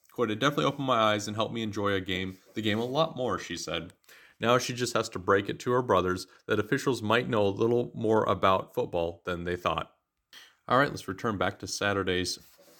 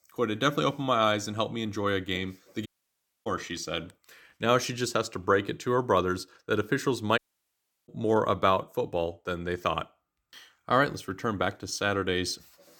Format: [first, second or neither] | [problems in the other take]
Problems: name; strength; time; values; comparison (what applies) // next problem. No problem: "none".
first | audio cutting out; at 2.5 s for 0.5 s and at 7 s for 0.5 s